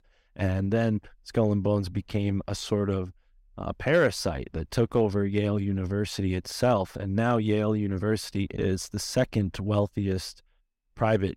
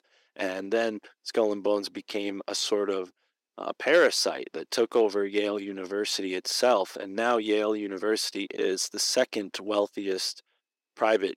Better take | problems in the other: first | thin; somewhat; fading below 350 Hz

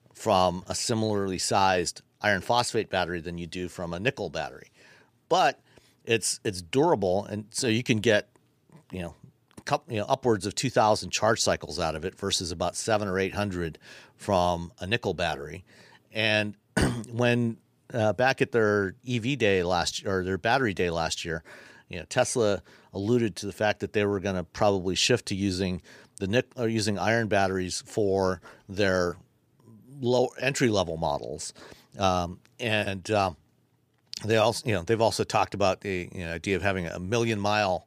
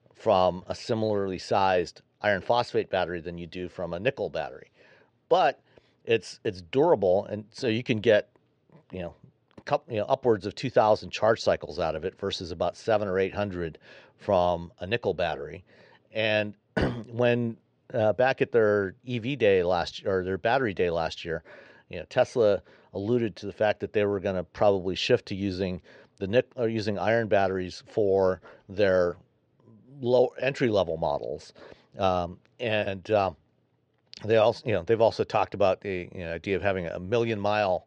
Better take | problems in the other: first | muffled; slightly; fading above 4 kHz

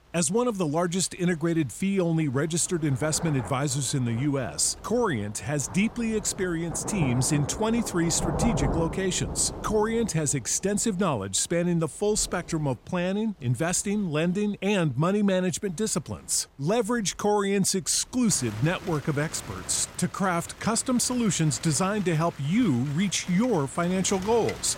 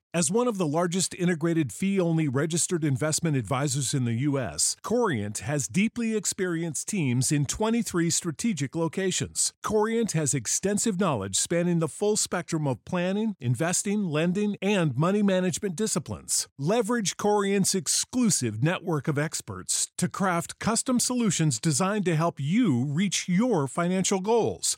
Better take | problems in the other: second | rain or running water; noticeable; throughout; 10 dB below the speech

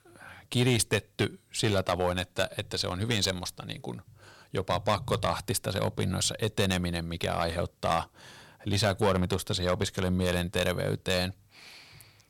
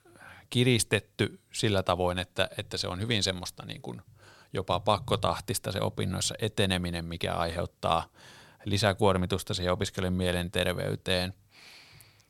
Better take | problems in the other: second | distortion; slight; 2% of the sound clipped

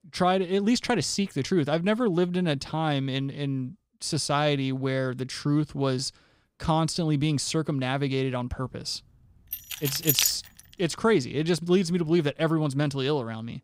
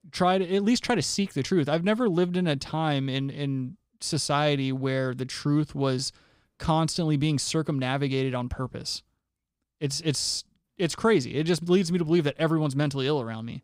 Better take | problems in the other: second | jangling keys; loud; at 9.5 s; peak 4 dB above the speech

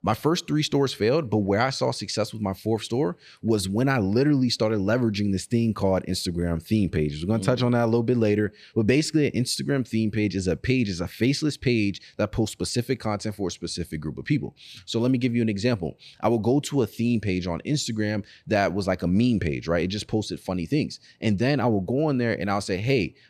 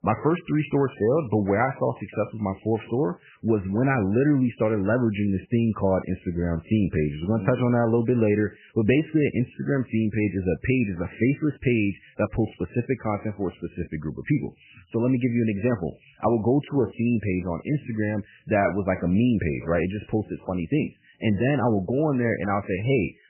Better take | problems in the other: first | garbled, watery; badly; nothing above 3 kHz

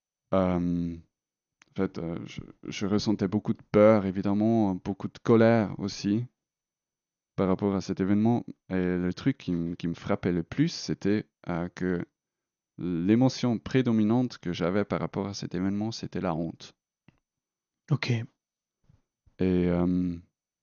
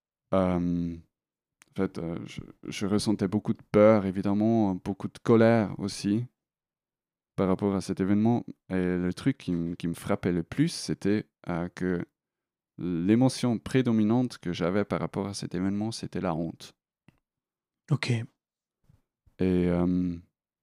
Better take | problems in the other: second | garbled, watery; slightly; nothing above 6.5 kHz

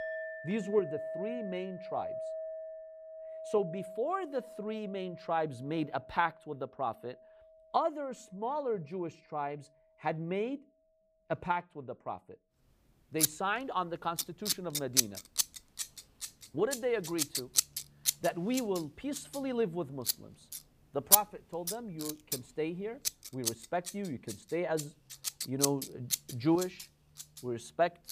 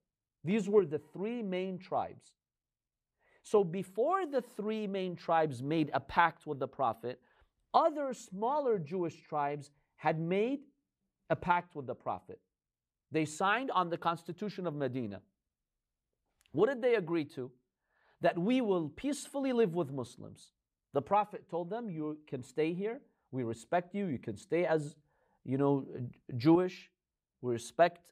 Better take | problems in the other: second | household noises; very loud; throughout; 1 dB above the speech

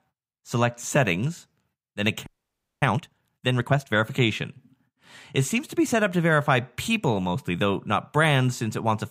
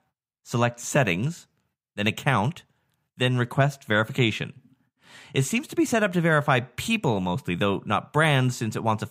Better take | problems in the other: second | audio freezing; at 2.5 s for 0.5 s

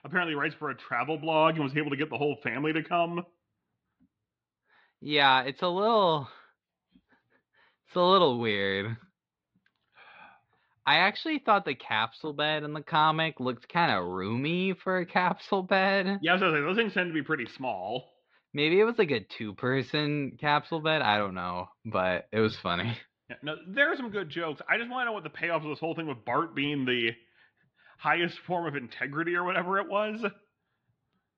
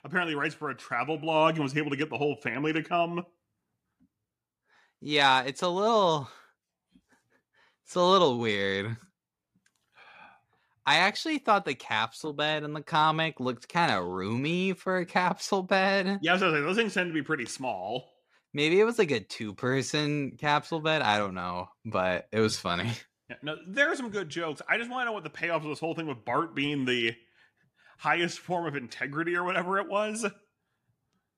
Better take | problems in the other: second | muffled; very slightly; fading above 4 kHz

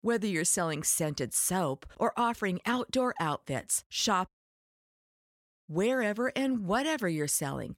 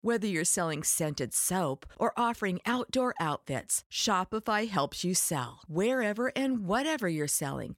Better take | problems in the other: second | audio cutting out; at 4.5 s for 1.5 s

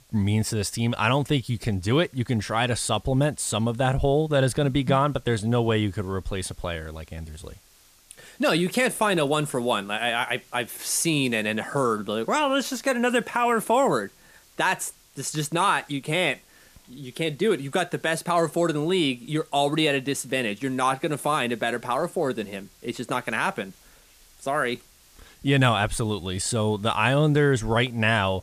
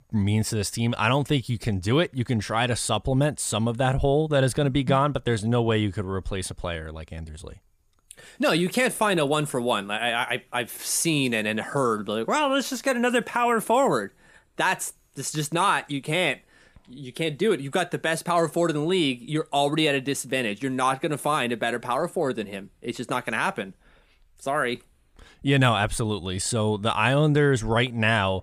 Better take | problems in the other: second | hiss; faint; throughout; 30 dB below the speech

